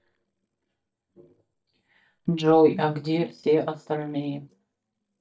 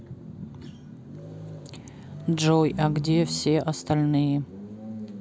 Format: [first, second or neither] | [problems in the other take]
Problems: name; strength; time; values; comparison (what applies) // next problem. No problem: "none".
second | noise reduction (neural mask model DeepFilterNet 3)